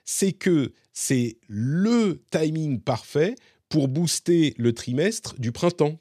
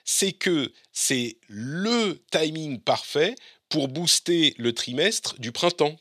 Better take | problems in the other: first | thin; somewhat; fading below 550 Hz

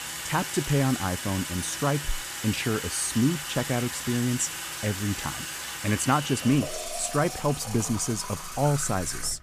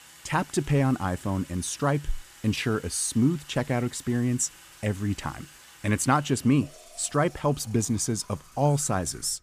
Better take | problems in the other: second | household noises; loud; throughout; 5 dB below the speech; faint in the second

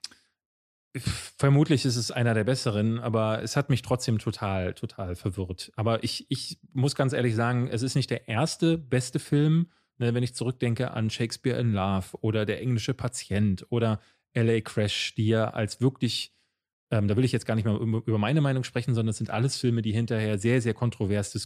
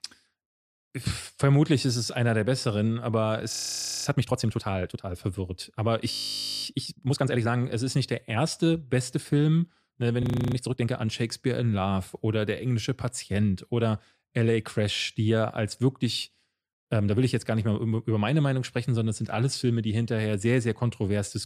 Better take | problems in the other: first | audio freezing; at 3.5 s for 0.5 s, at 6 s for 0.5 s and at 10 s

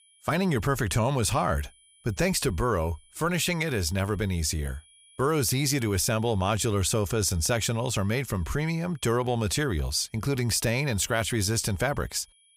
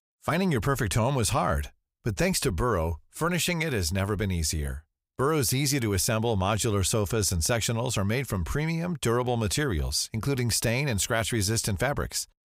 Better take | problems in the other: second | high-pitched whine; faint; throughout; 10 kHz, 30 dB below the speech

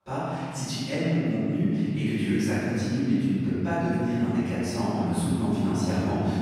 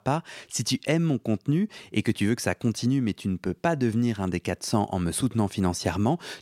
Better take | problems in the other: second | off-mic speech; far // room echo; strong; dies away in 2.8 s

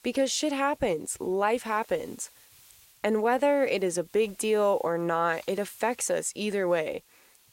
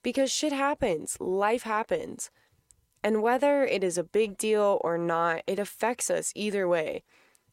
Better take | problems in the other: second | hiss; faint; throughout; 25 dB below the speech

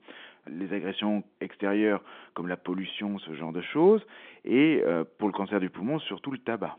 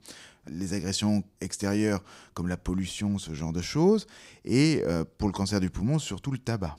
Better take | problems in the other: second | phone-call audio; nothing above 3.5 kHz

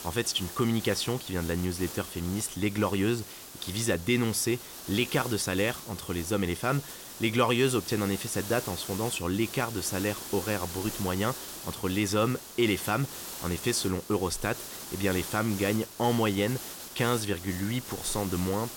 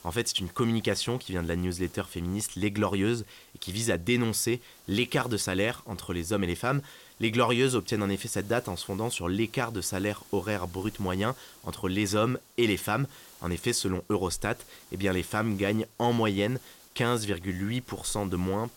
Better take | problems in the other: second | hiss; loud; throughout; 10 dB below the speech; faint in the second

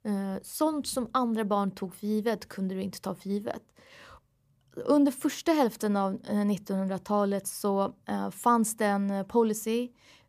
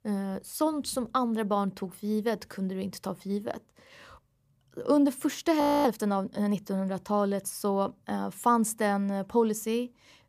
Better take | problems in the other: first | audio freezing; at 5.5 s

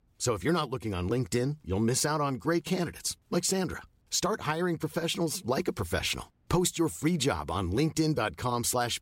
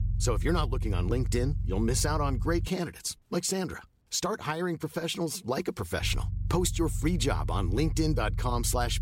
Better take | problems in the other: first | low rumble; noticeable; until 3 s and from 6 s on; 20 dB below the speech

